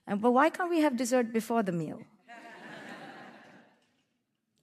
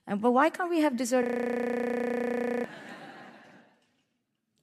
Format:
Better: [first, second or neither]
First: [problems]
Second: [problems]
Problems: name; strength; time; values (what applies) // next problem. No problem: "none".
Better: first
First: none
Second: audio freezing; at 1 s for 1.5 s